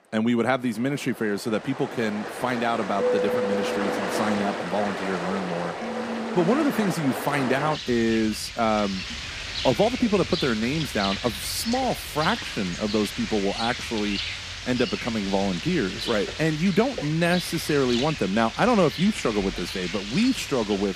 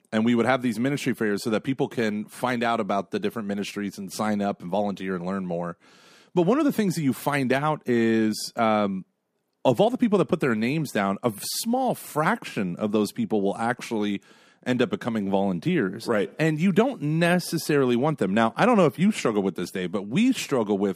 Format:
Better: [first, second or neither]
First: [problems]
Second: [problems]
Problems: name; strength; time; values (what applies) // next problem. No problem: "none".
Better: second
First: rain or running water; loud; throughout; 5 dB below the speech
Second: none